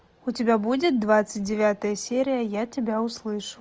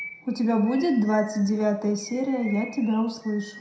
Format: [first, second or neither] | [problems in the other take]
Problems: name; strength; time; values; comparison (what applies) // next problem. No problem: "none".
first | background sound (Bird vocalization, bird call, bird song); 19 dB below the speech // room echo; dies away in 0.5 s